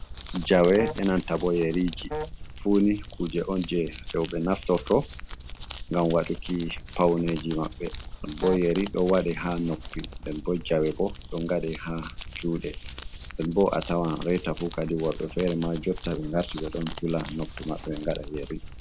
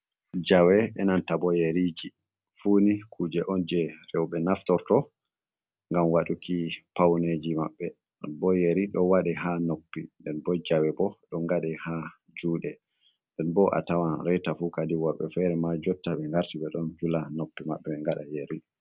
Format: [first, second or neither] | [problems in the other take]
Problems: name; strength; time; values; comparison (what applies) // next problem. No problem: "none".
second | background sound (Wind instrument, woodwind instrument + Crumpling, crinkling); 10 dB below the speech